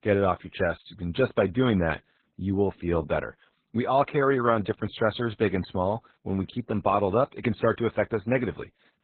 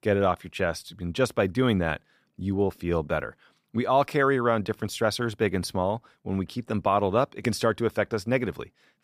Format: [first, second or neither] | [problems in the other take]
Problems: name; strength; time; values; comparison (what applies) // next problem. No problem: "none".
second | garbled, watery; badly; nothing above 4 kHz